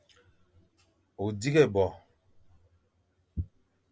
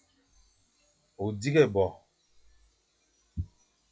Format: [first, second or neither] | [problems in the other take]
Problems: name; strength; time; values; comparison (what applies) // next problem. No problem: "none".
first | noise reduction (classical method log-MMSE)